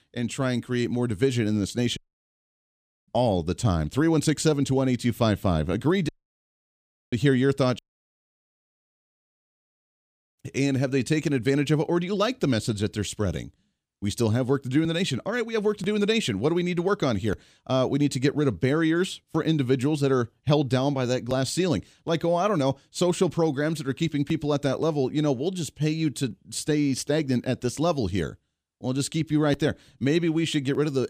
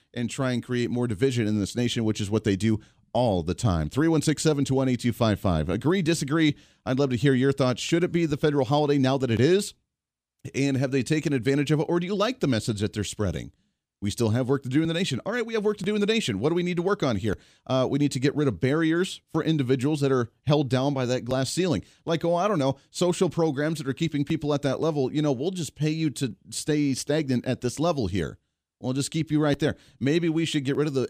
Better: second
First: audio cutting out; at 2 s for 1 s, at 6 s for 1 s and at 8 s for 2.5 s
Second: none

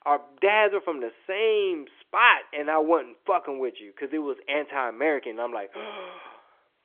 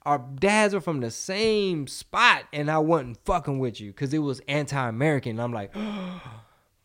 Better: second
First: phone-call audio; nothing above 3 kHz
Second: none

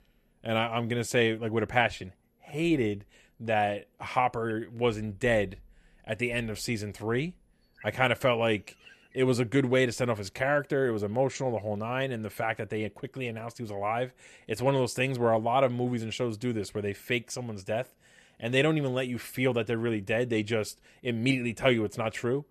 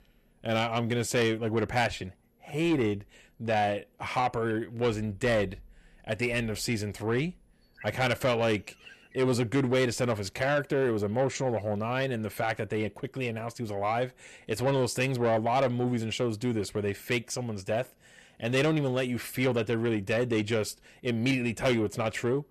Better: first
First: none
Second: distortion; slight; 10 dB below the speech

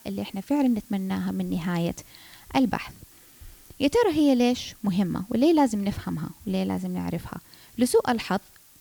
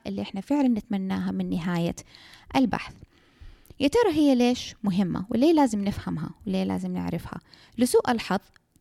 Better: second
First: hiss; faint; throughout; 25 dB below the speech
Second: none

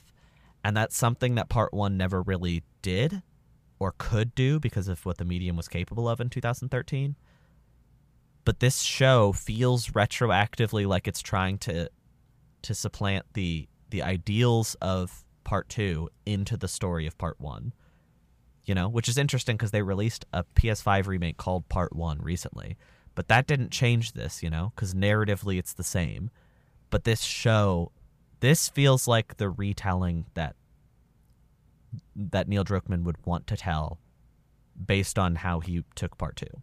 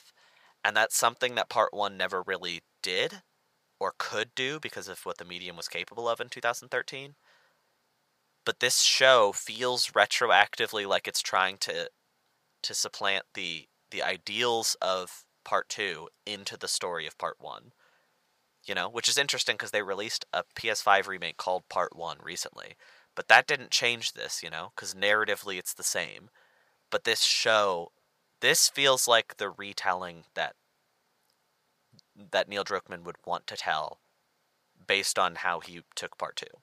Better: first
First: none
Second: thin; very; fading below 600 Hz

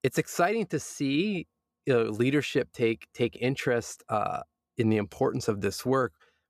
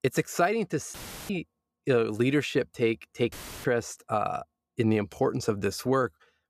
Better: first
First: none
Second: audio cutting out; filled with static; at 1 s and at 3.5 s

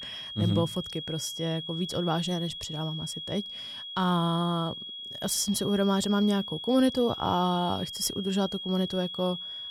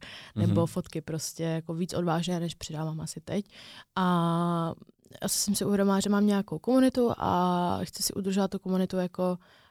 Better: second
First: high-pitched whine; loud; throughout; 3.5 kHz, 7 dB below the speech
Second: none

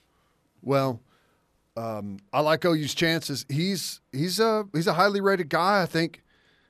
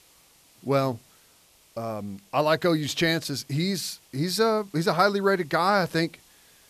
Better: first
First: none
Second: hiss; faint; throughout; 30 dB below the speech

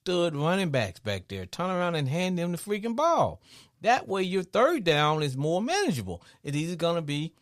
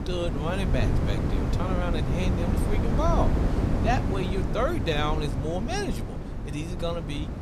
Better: first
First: none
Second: wind noise on the microphone; heavy; 4 dB below the speech

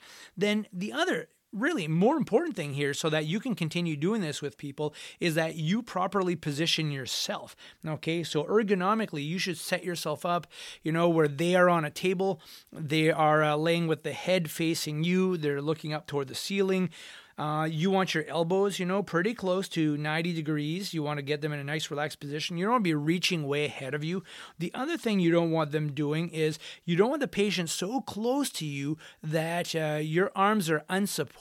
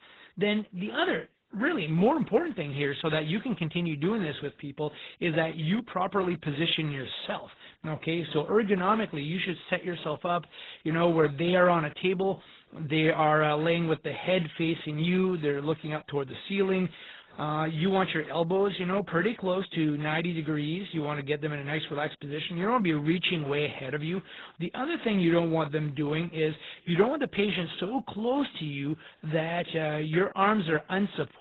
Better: first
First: none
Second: garbled, watery; badly; nothing above 4 kHz

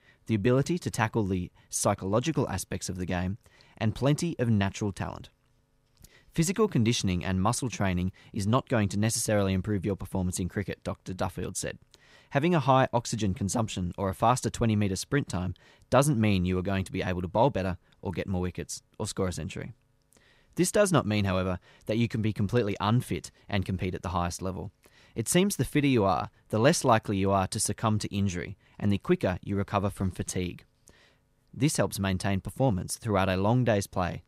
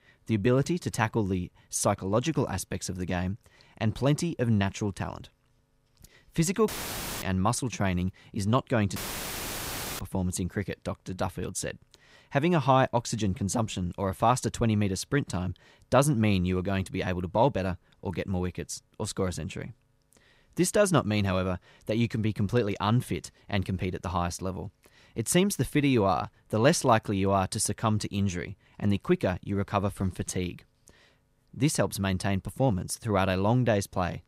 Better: first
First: none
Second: audio cutting out; filled with static; at 6.5 s for 0.5 s and at 9 s for 1 s

